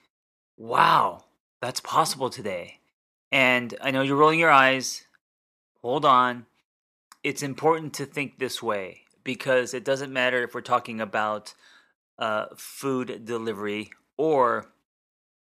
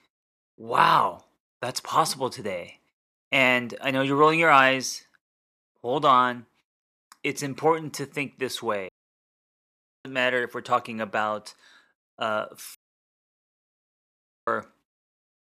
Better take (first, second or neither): first